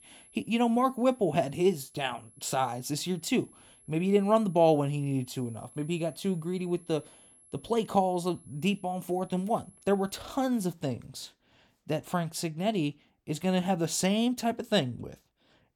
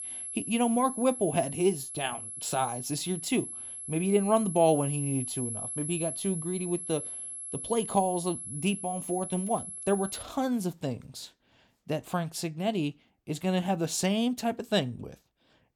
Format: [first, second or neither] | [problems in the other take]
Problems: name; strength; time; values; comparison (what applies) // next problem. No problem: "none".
first | high-pitched whine; loud; until 10 s; 11 kHz, 6 dB below the speech; faint in the first